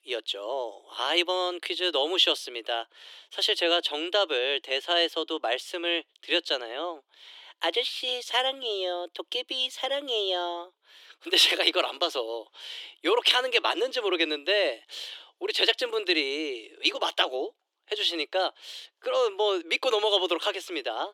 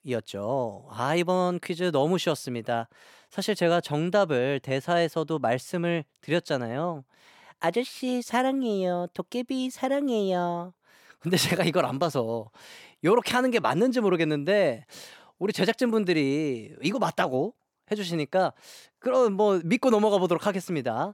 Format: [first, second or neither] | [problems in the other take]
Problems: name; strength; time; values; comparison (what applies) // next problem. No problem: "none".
second | thin; very; fading below 300 Hz